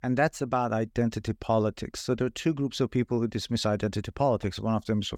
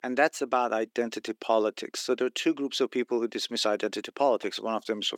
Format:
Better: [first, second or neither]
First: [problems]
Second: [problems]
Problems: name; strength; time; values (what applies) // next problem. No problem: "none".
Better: first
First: none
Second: thin; somewhat; fading below 300 Hz